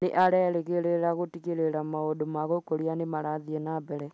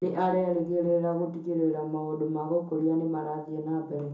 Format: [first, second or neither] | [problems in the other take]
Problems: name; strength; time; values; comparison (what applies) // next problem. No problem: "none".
first | room echo; dies away in 0.6 s